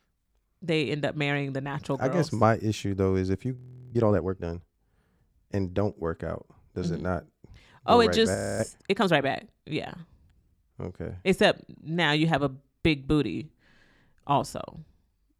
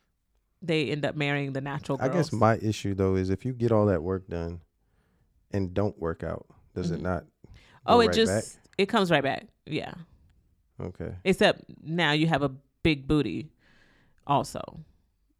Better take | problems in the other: second | audio freezing; at 3.5 s and at 8.5 s

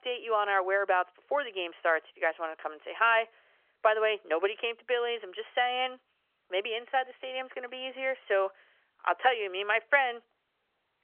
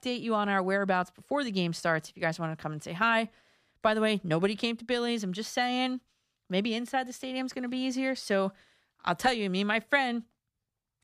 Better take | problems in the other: second | phone-call audio; nothing above 3 kHz

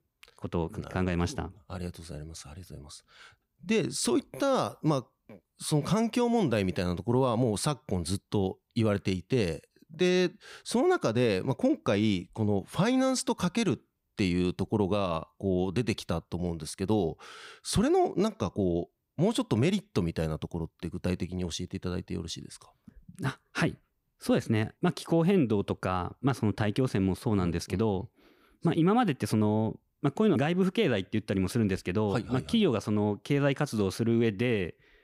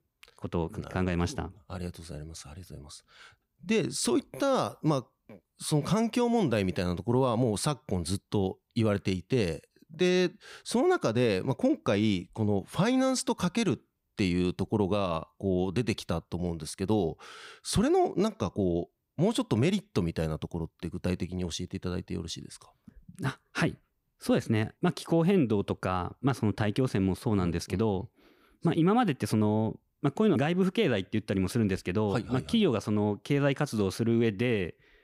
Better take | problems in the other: neither | none

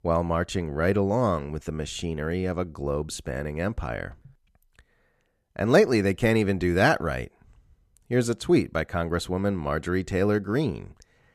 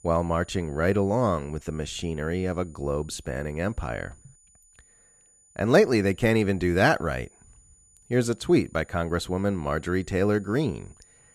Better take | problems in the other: first | high-pitched whine; faint; throughout; 7 kHz, 30 dB below the speech

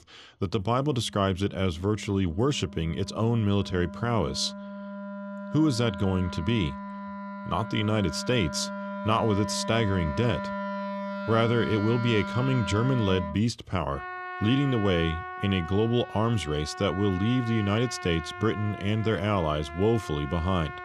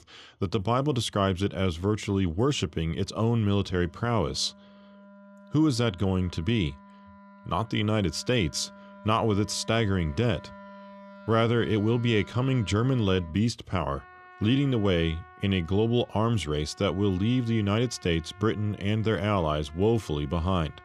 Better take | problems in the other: second | background music; loud; throughout; 9 dB below the speech; faint in the second

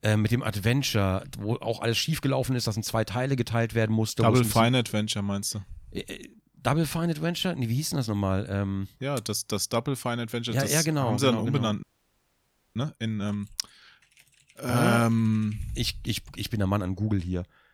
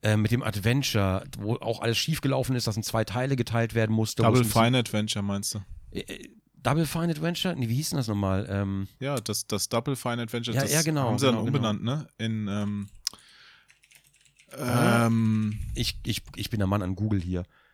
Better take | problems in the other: second | audio freezing; at 12 s for 1 s

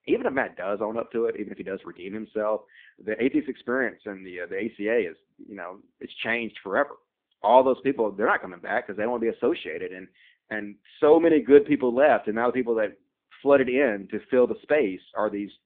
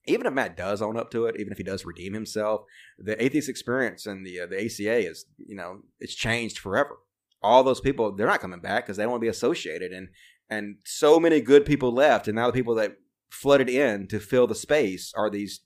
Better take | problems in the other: second | phone-call audio; poor line

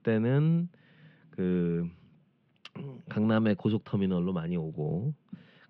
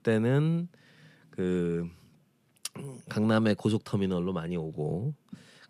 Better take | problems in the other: second | muffled; slightly; fading above 3 kHz

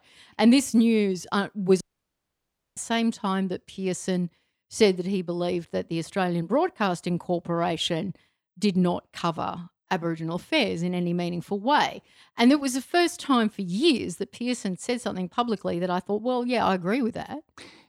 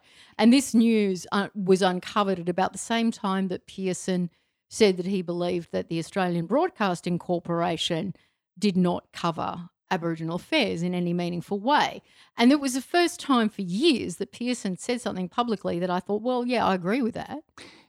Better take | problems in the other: second | audio cutting out; at 2 s for 1 s

